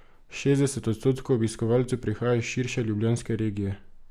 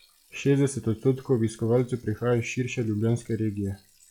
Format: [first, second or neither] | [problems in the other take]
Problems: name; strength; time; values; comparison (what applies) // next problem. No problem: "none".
first | noise reduction (classical method log-MMSE)